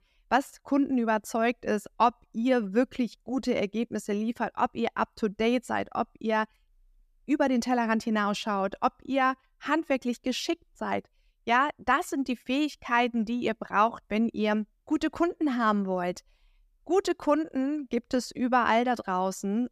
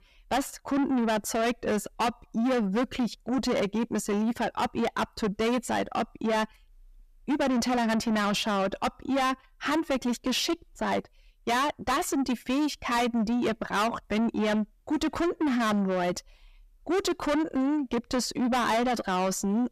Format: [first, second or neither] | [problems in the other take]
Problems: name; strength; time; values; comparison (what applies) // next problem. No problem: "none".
first | distortion; heavy; 6 dB below the speech